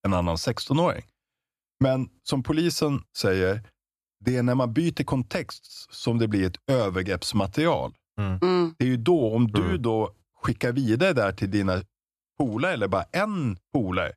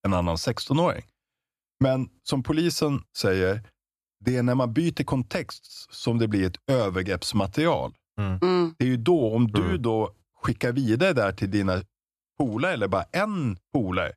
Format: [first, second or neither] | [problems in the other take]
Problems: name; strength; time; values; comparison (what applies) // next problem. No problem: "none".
neither | none